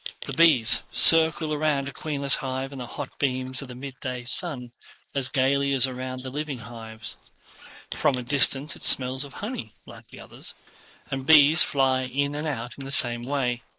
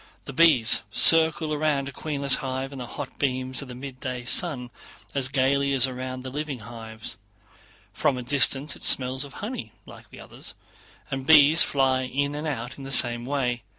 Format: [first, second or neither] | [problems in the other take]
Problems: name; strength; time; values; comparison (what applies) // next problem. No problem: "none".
second | noise reduction (neural mask model Resemble Enhance denoiser)